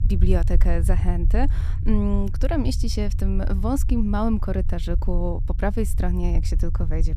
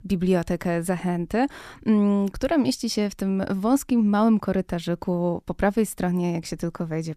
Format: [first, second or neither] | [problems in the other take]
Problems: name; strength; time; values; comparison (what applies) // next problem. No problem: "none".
second | low rumble; noticeable; throughout; 15 dB below the speech